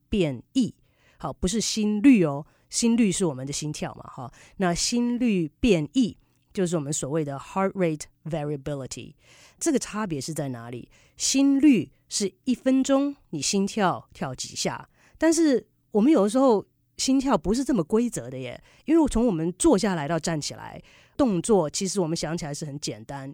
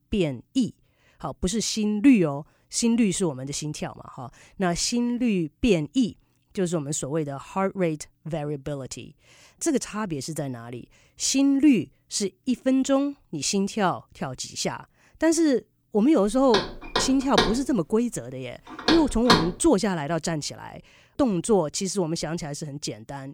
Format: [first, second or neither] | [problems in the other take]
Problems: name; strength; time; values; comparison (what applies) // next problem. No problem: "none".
first | door banging; loud; from 17 to 19 s; peak 4 dB above the speech